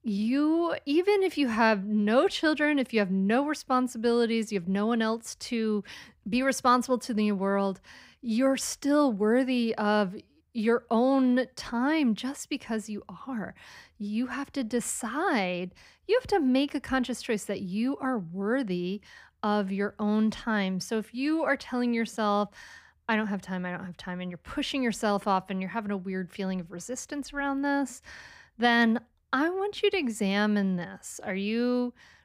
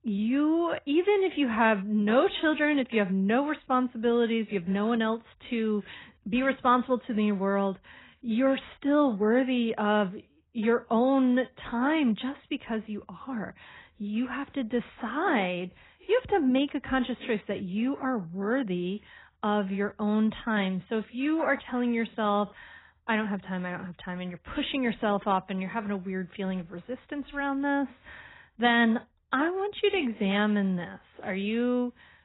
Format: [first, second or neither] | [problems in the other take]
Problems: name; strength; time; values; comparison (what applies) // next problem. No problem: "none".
first | garbled, watery; badly; nothing above 4 kHz